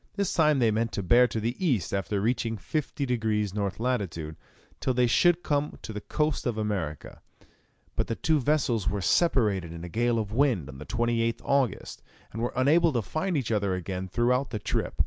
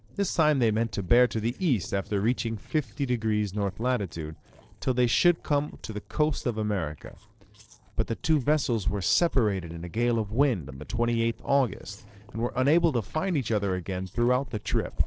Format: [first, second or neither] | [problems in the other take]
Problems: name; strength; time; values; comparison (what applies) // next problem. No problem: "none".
first | noise reduction (neural separator model SepFormer DNS4)